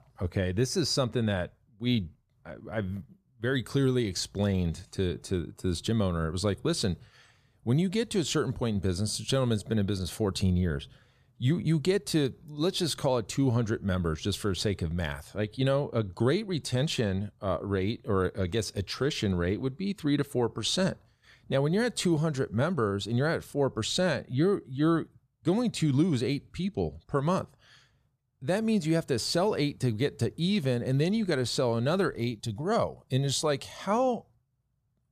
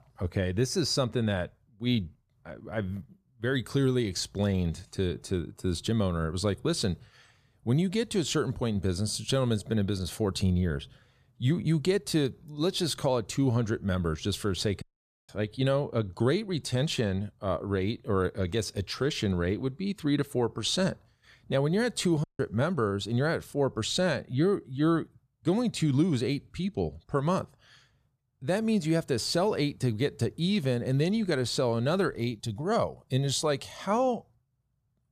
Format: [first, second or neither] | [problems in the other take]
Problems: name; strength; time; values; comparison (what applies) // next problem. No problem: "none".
first | audio cutting out; at 15 s and at 22 s